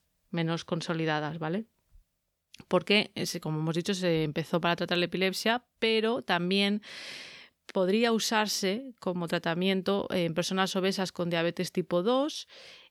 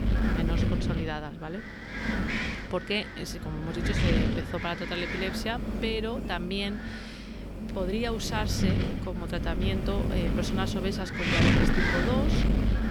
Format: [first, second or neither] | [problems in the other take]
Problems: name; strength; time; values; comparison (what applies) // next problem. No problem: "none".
first | wind noise on the microphone; heavy; 1 dB above the speech